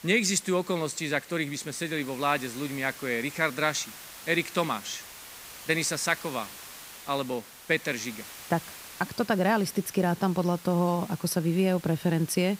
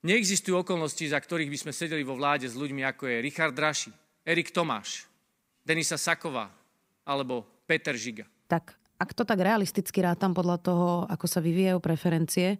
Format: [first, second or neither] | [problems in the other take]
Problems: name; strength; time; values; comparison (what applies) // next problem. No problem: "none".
second | hiss; noticeable; throughout; 15 dB below the speech